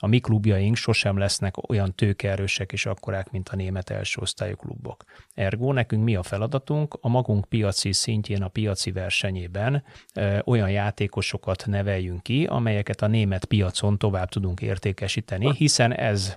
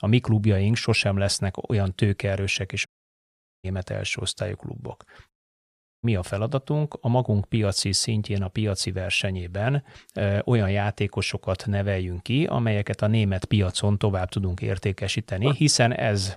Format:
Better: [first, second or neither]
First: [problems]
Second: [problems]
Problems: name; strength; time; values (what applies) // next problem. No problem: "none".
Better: first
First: none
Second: audio cutting out; at 3 s for 1 s and at 5.5 s for 0.5 s